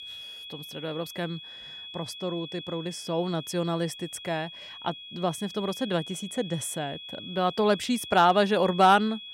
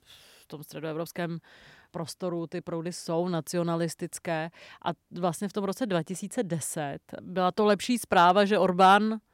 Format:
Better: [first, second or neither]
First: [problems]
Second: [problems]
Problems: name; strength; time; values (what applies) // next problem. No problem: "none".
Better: second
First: high-pitched whine; noticeable; throughout; 3.5 kHz, 10 dB below the speech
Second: none